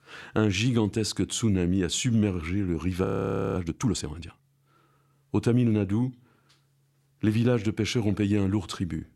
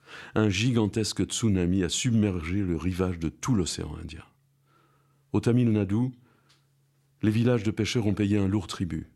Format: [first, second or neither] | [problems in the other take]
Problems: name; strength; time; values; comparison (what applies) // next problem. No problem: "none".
second | audio freezing; at 3 s for 0.5 s